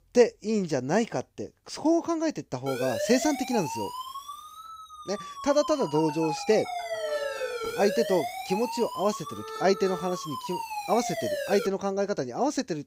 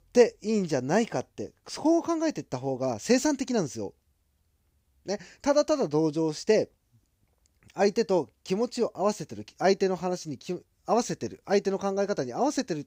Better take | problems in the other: second | siren; noticeable; from 2.5 to 12 s; peak 3 dB below the speech

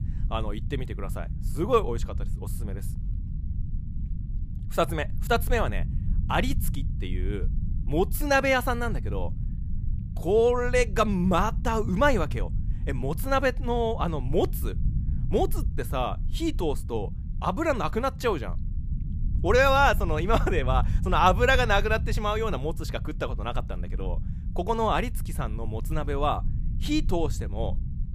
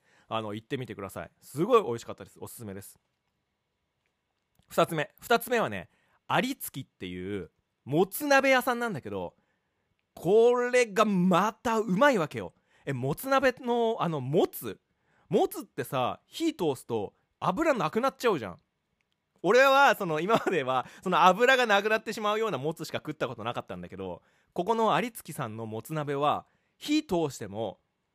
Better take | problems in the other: second | low rumble; faint; throughout; 20 dB below the speech

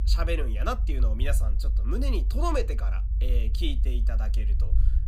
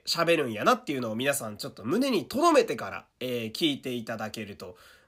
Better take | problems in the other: second | low rumble; noticeable; throughout; 15 dB below the speech

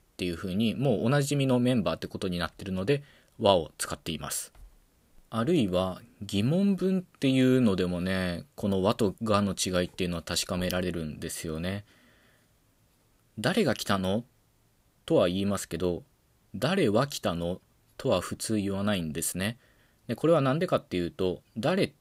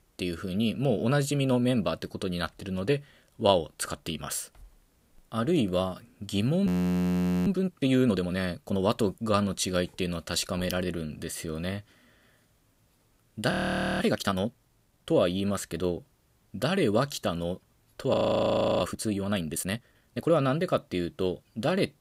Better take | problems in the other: first | audio freezing; at 6.5 s for 1 s, at 14 s and at 18 s for 0.5 s

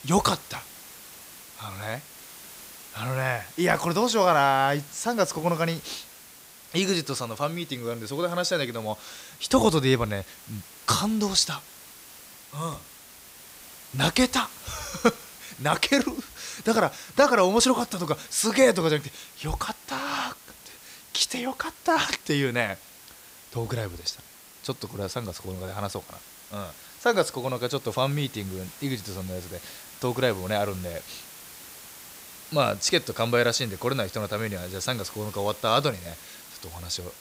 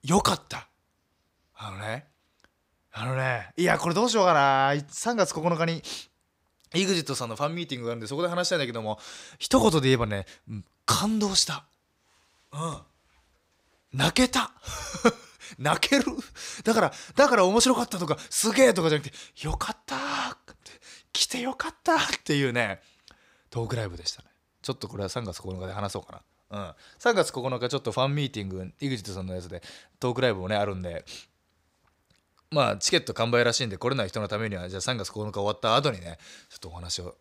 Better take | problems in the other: second | hiss; noticeable; throughout; 20 dB below the speech

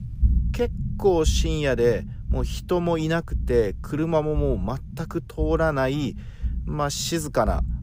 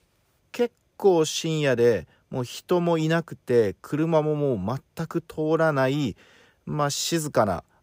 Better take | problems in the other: second | low rumble; faint; throughout; 20 dB below the speech

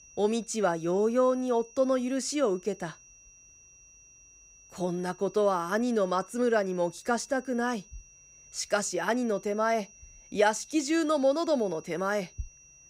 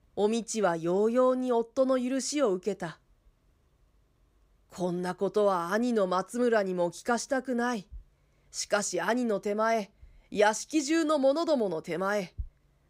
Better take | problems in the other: second | high-pitched whine; faint; throughout; 6 kHz, 25 dB below the speech

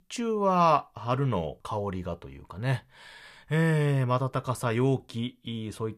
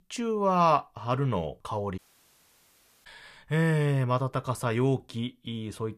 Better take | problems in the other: first | audio cutting out; at 2 s for 1 s

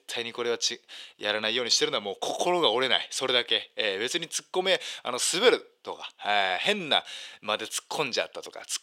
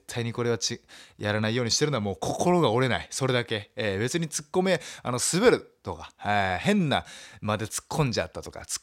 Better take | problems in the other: second | thin; somewhat; fading below 450 Hz

